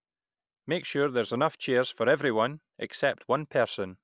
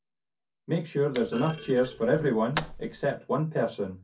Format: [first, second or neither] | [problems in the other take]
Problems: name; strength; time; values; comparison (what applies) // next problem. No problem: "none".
first | background sound (Thump, thud); 14 dB below the speech // room echo; dies away in 0.3 s